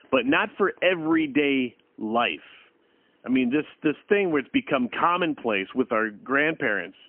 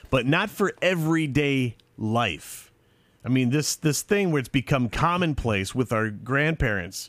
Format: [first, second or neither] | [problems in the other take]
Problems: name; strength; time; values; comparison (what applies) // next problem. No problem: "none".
second | phone-call audio; poor line; nothing above 3 kHz